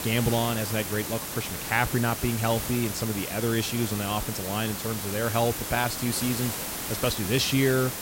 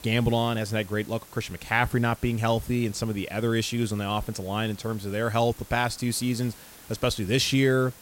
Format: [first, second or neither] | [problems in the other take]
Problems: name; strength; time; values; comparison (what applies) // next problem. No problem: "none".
second | hiss; loud; throughout; 4 dB below the speech; faint in the second